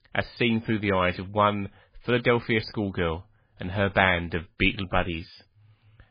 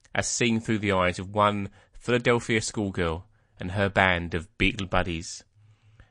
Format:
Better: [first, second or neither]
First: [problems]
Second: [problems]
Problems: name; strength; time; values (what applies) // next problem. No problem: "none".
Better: second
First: garbled, watery; badly; nothing above 5 kHz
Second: garbled, watery; slightly; nothing above 8.5 kHz